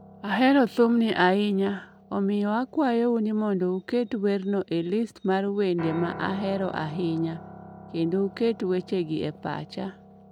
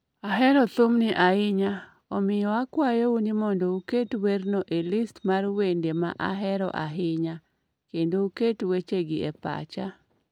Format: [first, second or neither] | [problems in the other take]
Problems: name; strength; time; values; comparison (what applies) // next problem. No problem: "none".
second | background sound (Piano); 18 dB below the speech